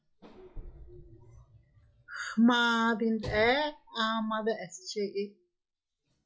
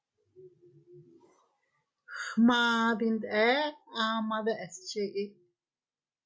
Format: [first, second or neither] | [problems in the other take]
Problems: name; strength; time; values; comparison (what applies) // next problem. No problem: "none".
second | noise reduction (classical method log-MMSE)